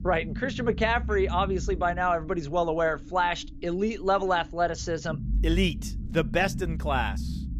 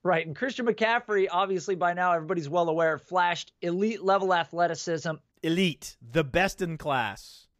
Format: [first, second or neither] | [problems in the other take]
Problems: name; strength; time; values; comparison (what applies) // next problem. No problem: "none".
second | low rumble; faint; throughout; 20 dB below the speech